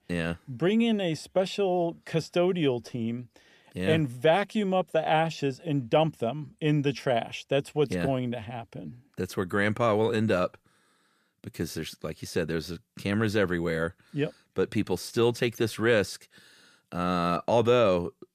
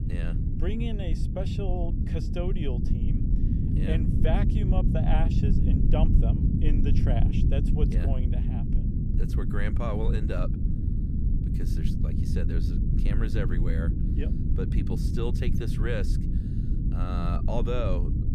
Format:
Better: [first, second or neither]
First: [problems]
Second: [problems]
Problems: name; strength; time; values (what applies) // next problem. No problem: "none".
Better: first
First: none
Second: low rumble; loud; throughout; 2 dB below the speech